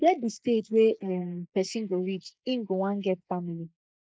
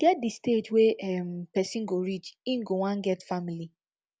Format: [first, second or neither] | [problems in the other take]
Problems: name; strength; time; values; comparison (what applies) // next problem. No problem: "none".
second | noise reduction (neural mask model Resemble Enhance denoiser)